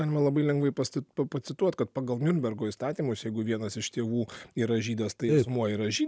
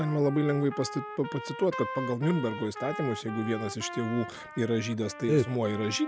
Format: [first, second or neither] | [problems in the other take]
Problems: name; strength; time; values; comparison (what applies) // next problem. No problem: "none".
first | background sound (Trumpet); 11 dB below the speech